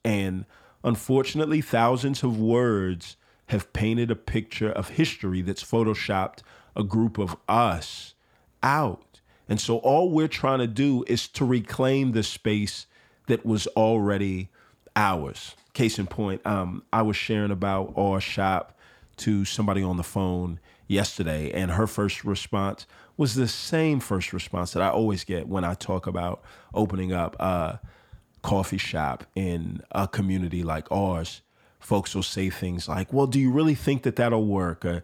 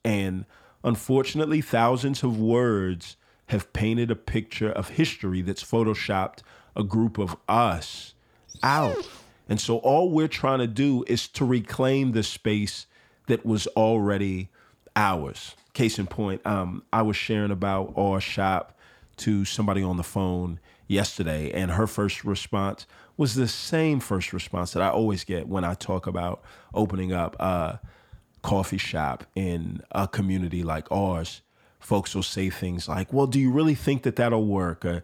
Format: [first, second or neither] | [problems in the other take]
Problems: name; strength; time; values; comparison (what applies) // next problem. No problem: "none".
first | dog barking; noticeable; at 8.5 s; peak 5 dB below the speech